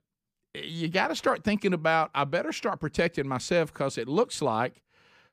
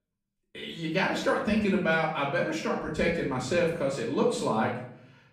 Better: first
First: none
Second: room echo; noticeable; dies away in 0.6 s // off-mic speech; far

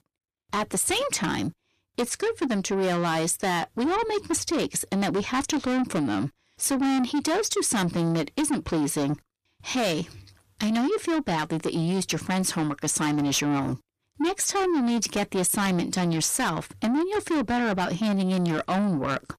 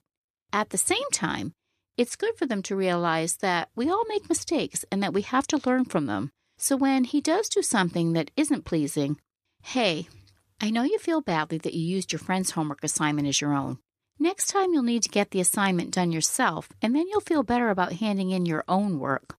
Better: second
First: distortion; heavy; 7 dB below the speech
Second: none

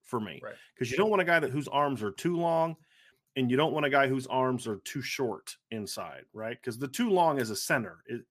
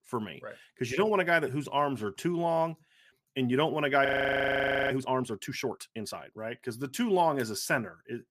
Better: first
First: none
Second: audio freezing; at 4 s for 1 s

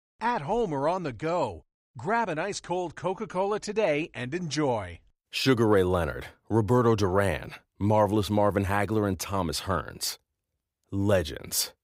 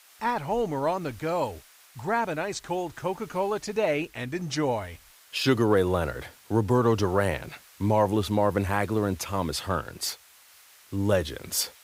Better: first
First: none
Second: hiss; faint; throughout; 25 dB below the speech

